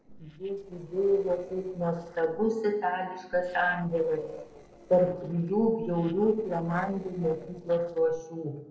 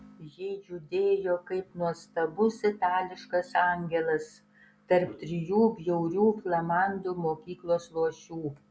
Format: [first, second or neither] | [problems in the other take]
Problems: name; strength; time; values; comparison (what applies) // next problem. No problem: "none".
second | noise reduction (neural separator model SepFormer DNS4)